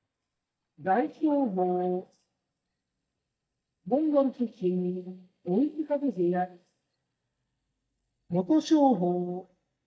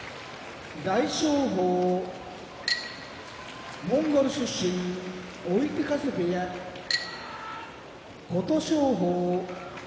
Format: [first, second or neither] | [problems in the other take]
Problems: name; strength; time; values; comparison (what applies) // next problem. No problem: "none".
second | noise reduction (neural mask model DeepFilterNet 3)